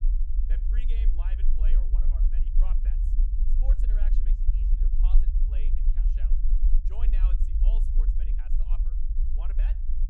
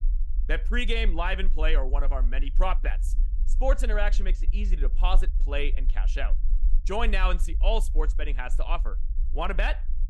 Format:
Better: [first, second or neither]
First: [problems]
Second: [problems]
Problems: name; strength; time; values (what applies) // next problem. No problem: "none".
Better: second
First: low rumble; loud; throughout; as loud as the speech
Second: low rumble; faint; throughout; 25 dB below the speech